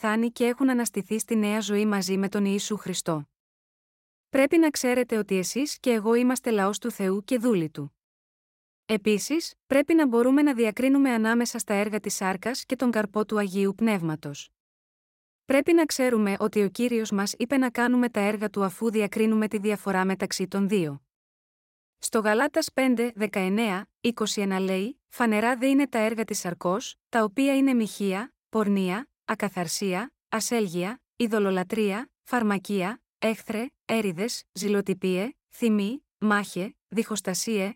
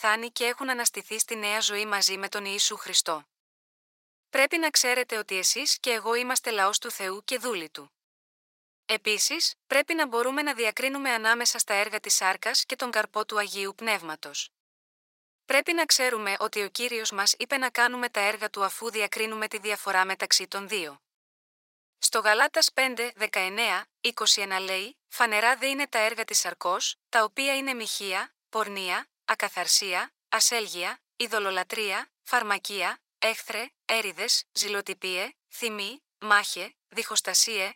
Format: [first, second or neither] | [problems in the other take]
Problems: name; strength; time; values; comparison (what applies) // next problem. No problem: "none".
first | thin; very; fading below 850 Hz